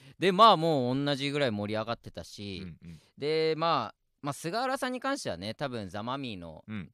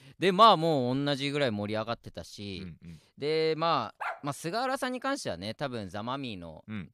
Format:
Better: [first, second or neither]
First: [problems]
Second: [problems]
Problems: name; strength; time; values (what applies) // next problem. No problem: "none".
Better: first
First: none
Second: dog barking; noticeable; at 4 s; peak 9 dB below the speech